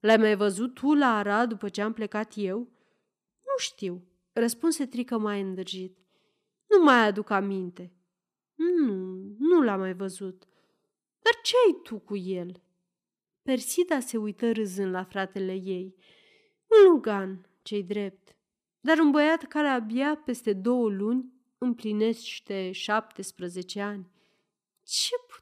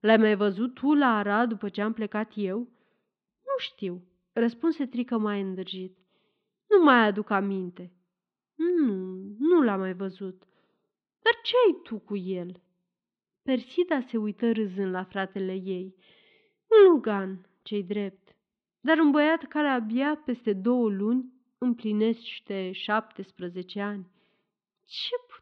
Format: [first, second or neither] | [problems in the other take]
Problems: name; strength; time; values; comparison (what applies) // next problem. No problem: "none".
first | muffled; slightly; fading above 3.5 kHz